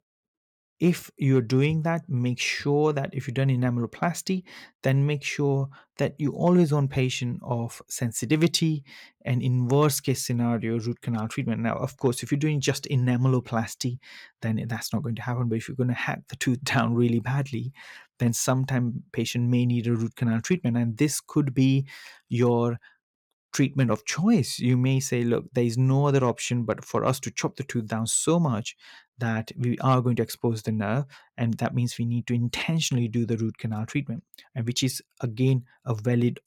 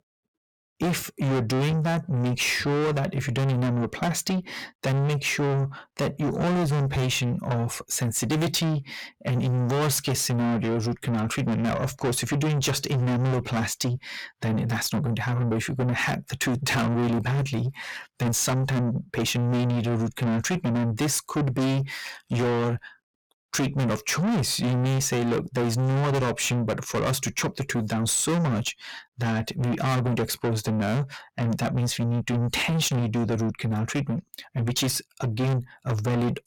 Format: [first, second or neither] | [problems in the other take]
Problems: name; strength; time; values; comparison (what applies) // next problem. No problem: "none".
first | distortion; heavy; 6 dB below the speech